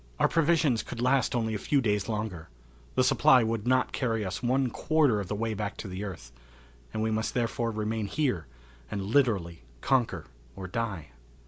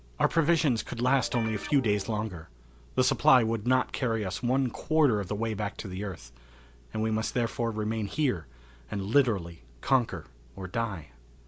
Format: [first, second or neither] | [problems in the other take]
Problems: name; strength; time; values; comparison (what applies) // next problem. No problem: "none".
first | background sound (Guitar); 13 dB below the speech